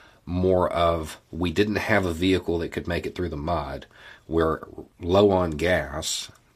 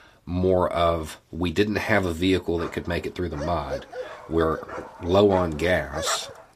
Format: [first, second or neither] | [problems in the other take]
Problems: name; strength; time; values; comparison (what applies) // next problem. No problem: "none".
first | dog barking; noticeable; from 2.5 s on; peak 6 dB below the speech